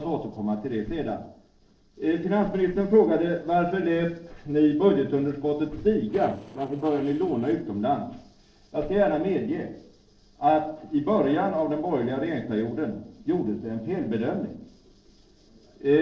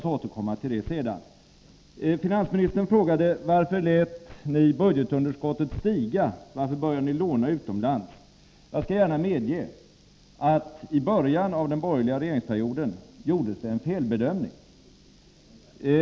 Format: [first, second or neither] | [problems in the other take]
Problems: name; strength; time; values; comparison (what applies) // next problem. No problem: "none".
second | noise reduction (neural separator model SepFormer DNS4)